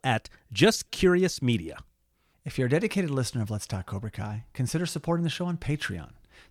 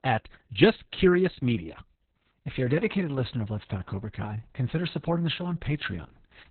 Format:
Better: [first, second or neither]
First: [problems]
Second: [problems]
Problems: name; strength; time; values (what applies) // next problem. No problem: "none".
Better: first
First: none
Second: garbled, watery; badly; nothing above 4 kHz